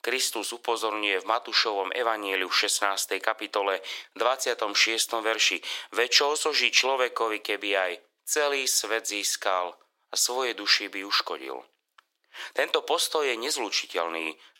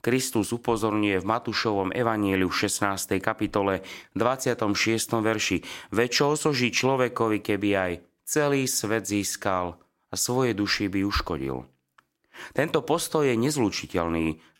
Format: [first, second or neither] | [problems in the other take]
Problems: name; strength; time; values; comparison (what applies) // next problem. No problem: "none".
second | thin; very; fading below 450 Hz